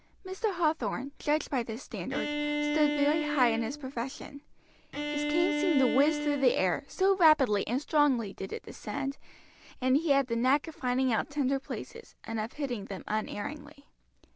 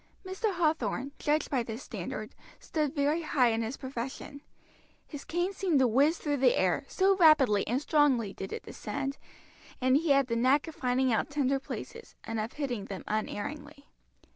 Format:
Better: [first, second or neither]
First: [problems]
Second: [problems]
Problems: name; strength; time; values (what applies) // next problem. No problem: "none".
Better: second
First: background sound (Bowed string instrument); 4 dB below the speech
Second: none